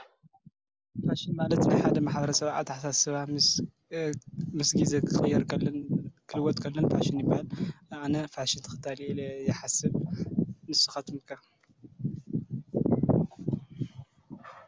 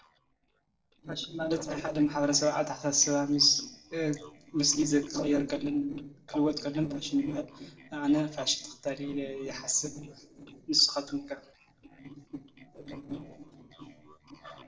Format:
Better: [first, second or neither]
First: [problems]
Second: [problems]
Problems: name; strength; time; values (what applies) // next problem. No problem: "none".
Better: first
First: none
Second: noise reduction (neural separator model SepFormer DNS4)